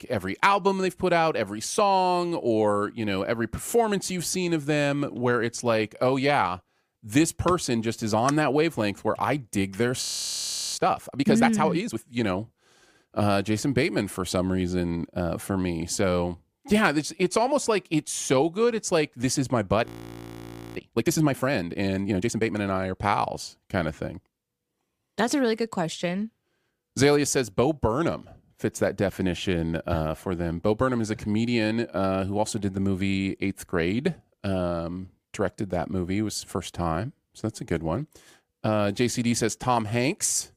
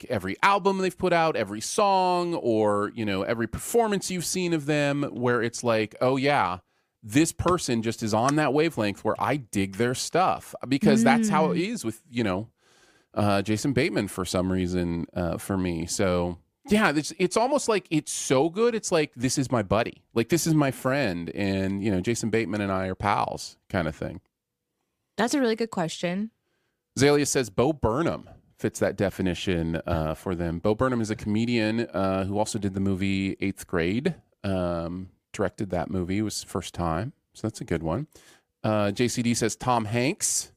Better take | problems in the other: second | audio freezing; at 10 s for 0.5 s and at 20 s for 1 s

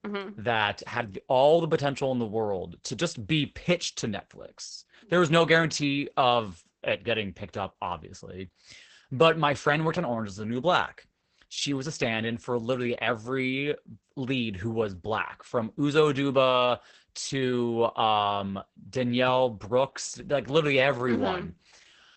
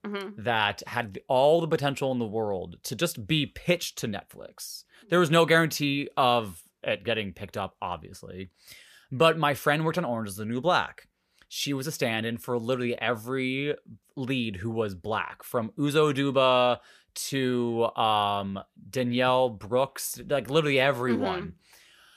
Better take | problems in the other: second | garbled, watery; badly; nothing above 8 kHz

